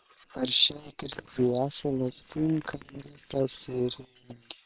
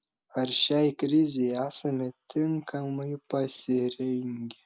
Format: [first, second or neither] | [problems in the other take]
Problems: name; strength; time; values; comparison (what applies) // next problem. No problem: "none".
second | noise reduction (neural separator model SepFormer WHAM!)